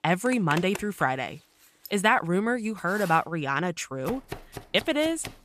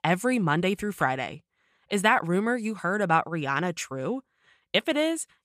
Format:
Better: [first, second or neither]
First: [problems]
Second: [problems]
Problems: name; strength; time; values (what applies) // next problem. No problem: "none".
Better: second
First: household noises; noticeable; throughout; 15 dB below the speech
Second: none